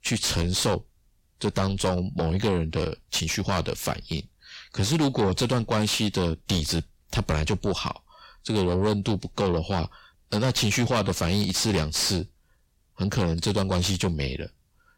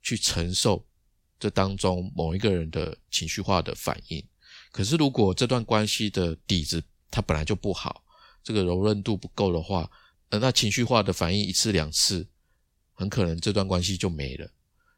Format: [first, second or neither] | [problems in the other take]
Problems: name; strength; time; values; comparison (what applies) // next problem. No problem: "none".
second | distortion; heavy; 7 dB below the speech